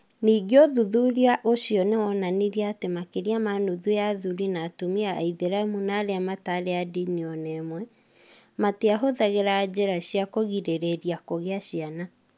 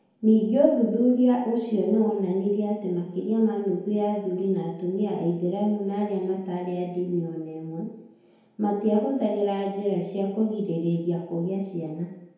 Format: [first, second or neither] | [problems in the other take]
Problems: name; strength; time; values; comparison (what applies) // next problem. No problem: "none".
first | room echo; dies away in 1 s